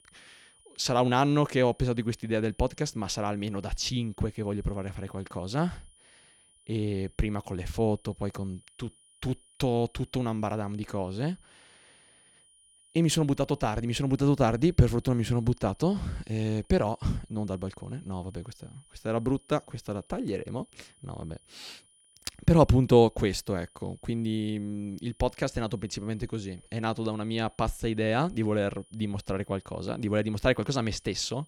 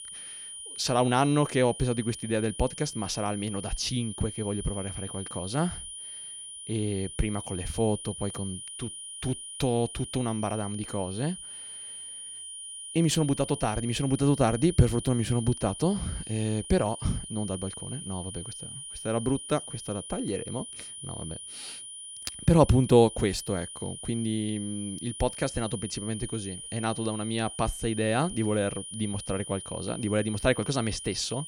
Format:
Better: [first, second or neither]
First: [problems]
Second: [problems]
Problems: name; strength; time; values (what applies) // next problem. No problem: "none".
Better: first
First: high-pitched whine; faint; throughout; 9.5 kHz, 30 dB below the speech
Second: high-pitched whine; loud; throughout; 9.5 kHz, 10 dB below the speech